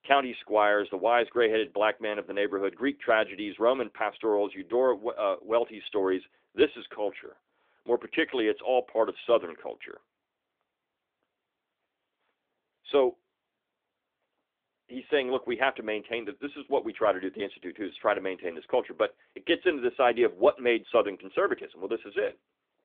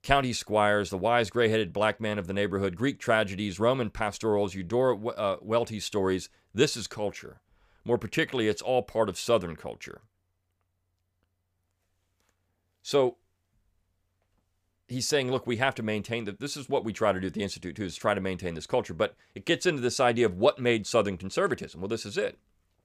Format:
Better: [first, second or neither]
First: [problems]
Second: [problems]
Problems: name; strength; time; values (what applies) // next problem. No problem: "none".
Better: second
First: phone-call audio; nothing above 3.5 kHz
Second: none